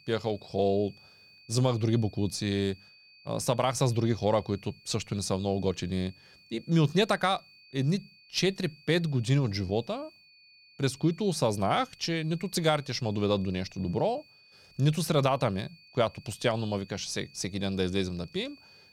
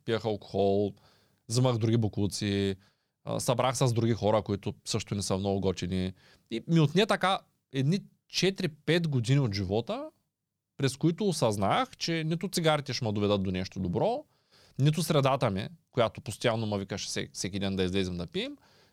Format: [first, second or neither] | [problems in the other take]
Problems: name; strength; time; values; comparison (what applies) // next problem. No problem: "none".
second | high-pitched whine; faint; throughout; 2.5 kHz, 25 dB below the speech